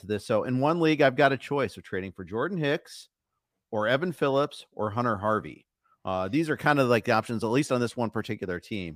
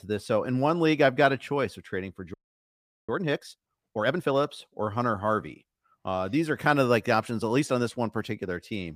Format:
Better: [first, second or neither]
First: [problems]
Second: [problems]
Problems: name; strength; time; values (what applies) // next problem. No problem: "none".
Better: first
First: none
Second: audio freezing; at 2.5 s for 1 s